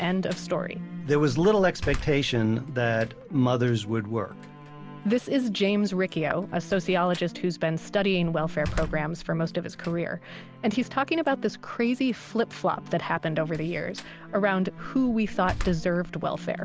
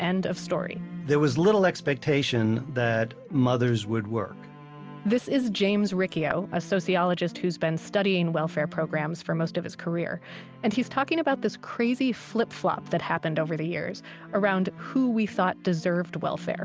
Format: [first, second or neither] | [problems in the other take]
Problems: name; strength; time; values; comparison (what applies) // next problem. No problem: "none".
second | background sound (Slam); 14 dB below the speech